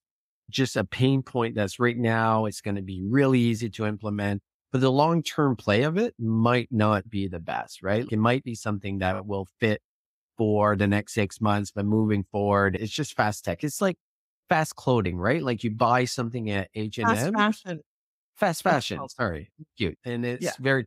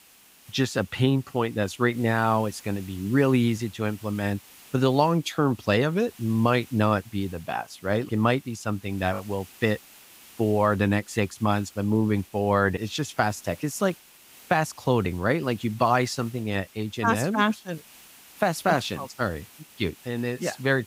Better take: first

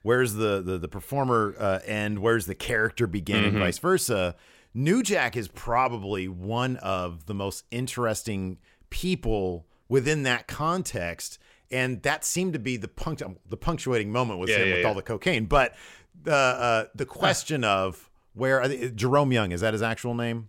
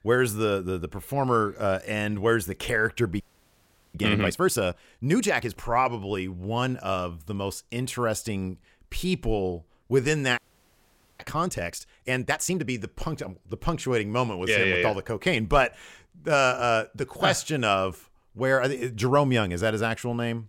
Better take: first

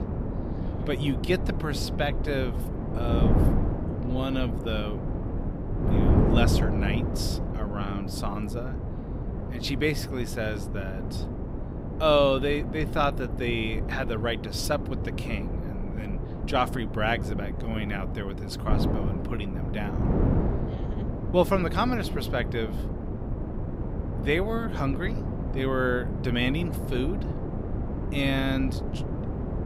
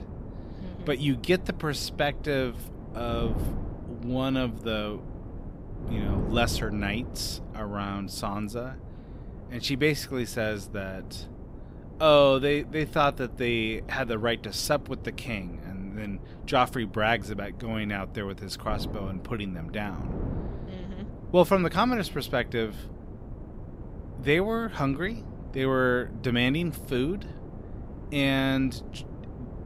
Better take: second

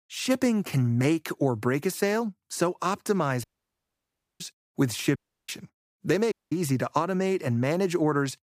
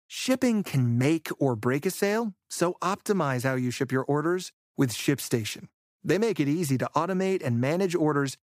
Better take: second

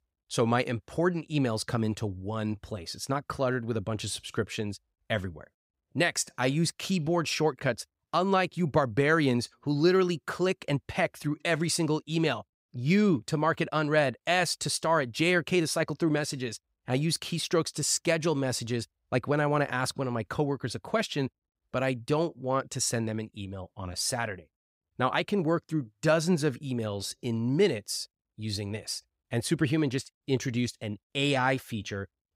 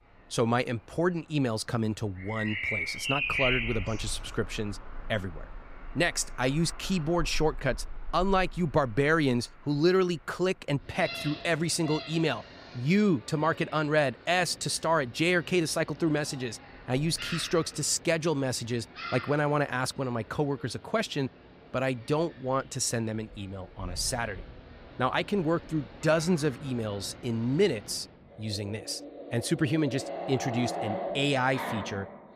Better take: first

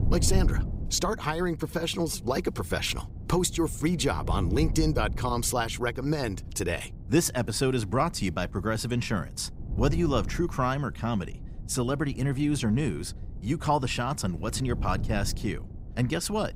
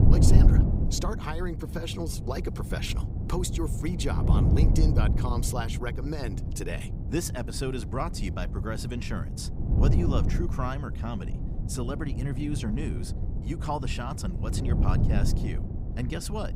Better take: first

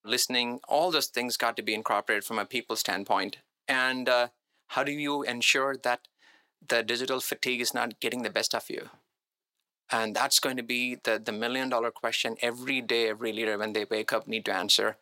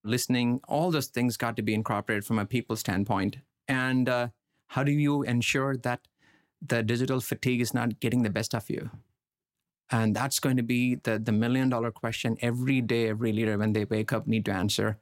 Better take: second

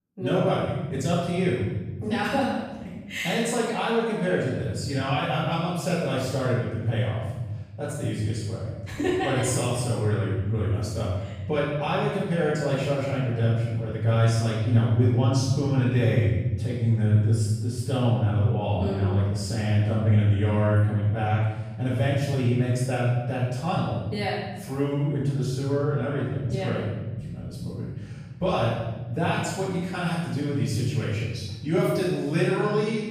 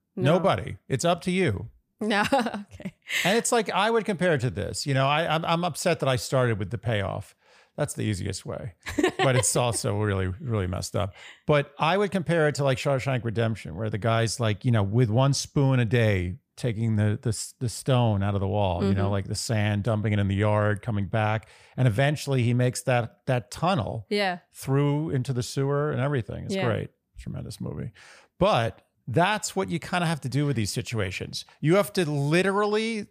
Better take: second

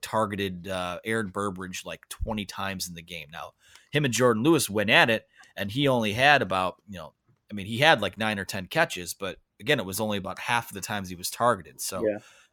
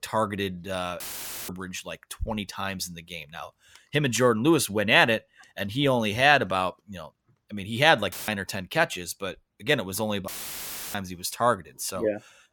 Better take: first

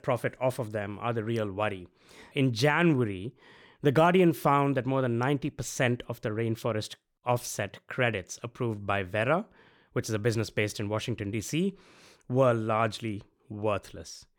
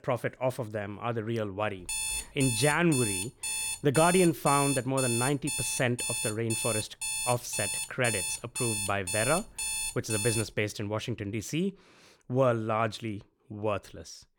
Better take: first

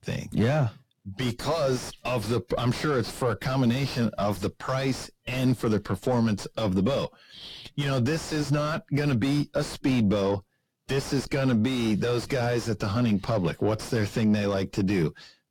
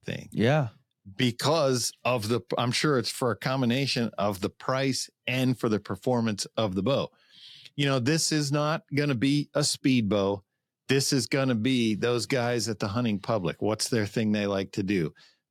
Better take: second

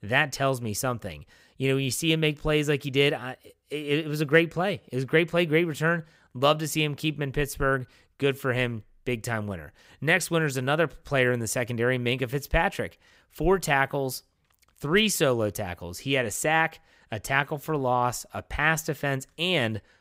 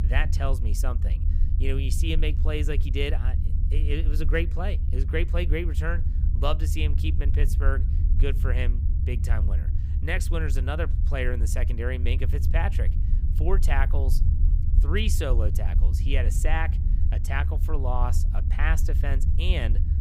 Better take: first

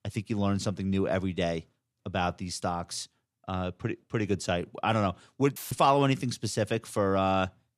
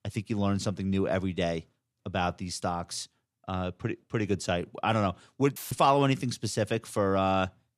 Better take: neither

